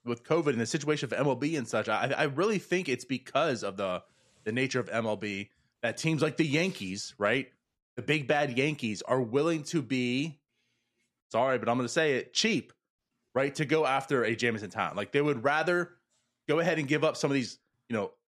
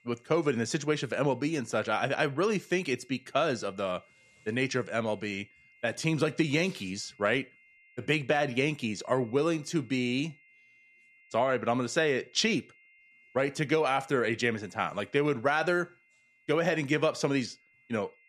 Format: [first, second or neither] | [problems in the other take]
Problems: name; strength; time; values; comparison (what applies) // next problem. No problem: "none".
first | high-pitched whine; faint; throughout; 2 kHz, 30 dB below the speech